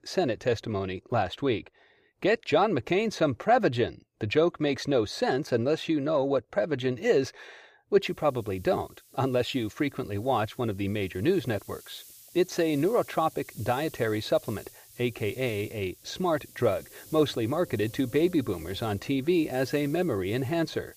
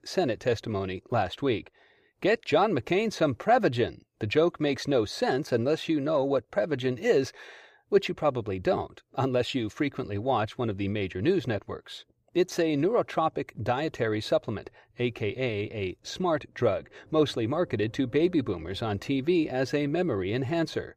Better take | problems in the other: second | hiss; faint; from 8 s on; 20 dB below the speech

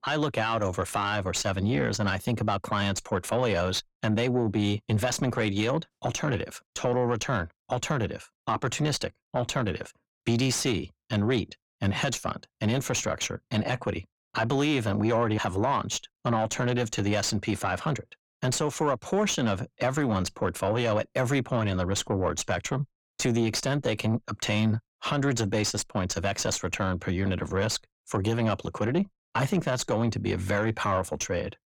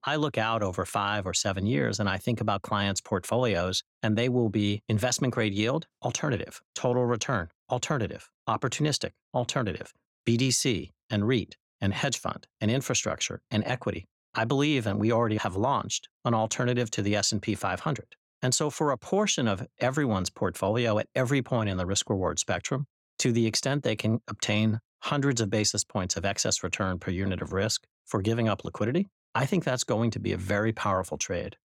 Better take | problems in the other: second | distortion; slight; 10 dB below the speech

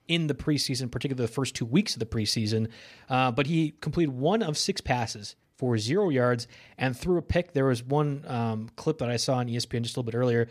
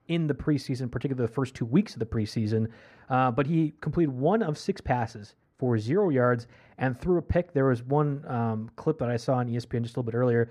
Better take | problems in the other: first | muffled; slightly; fading above 2 kHz

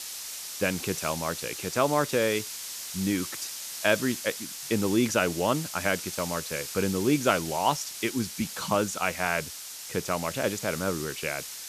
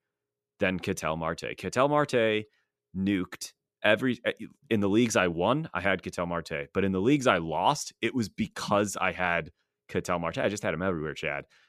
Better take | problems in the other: second | hiss; loud; throughout; 7 dB below the speech

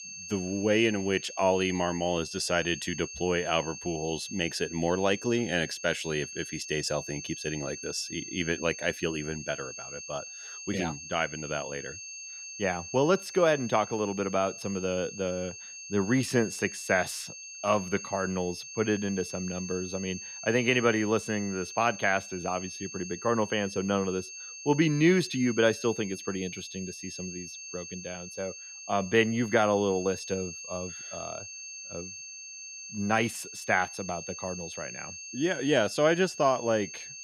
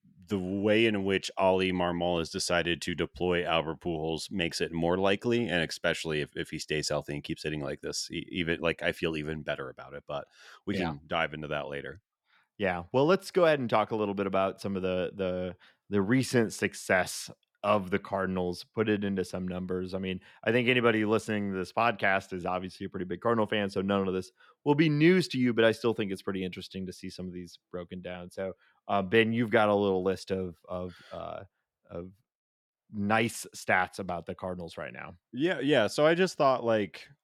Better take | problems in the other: second | high-pitched whine; noticeable; throughout; 6.5 kHz, 10 dB below the speech

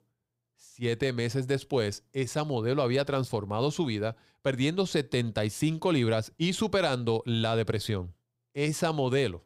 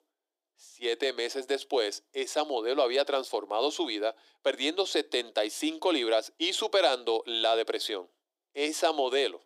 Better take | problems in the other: first | thin; very; fading below 300 Hz

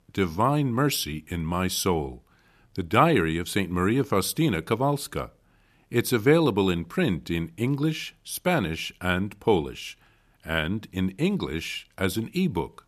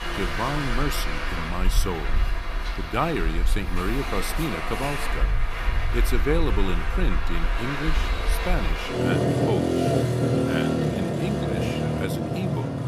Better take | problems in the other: first | traffic noise; very loud; throughout; 4 dB above the speech

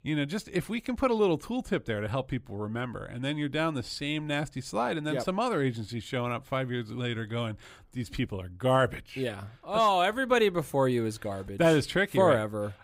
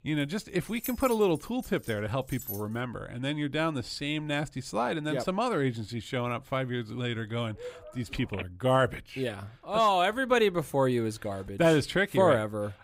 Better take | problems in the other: first | jangling keys; noticeable; until 2.5 s; peak 10 dB below the speech // phone ringing; faint; at 7.5 s; peak 10 dB below the speech

